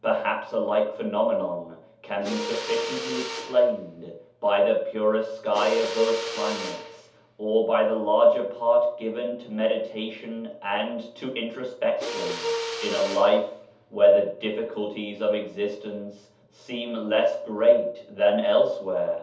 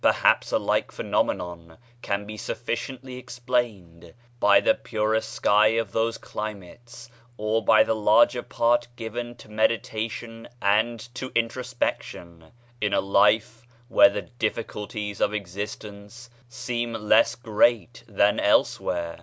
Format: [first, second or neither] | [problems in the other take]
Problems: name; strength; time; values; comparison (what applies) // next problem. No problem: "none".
second | background sound (Mechanisms); 9 dB below the speech // room echo; dies away in 0.6 s